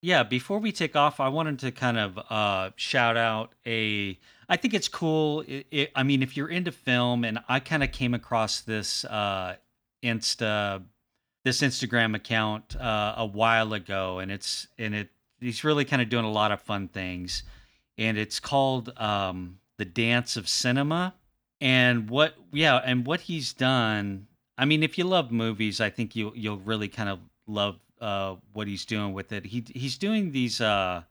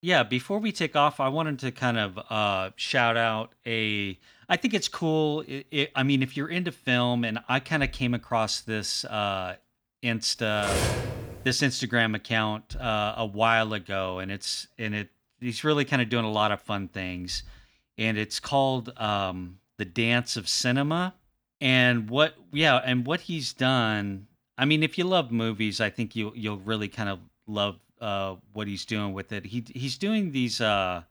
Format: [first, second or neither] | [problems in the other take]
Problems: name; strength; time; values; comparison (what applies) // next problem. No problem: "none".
first | clattering dishes; loud; at 11 s; peak level with the speech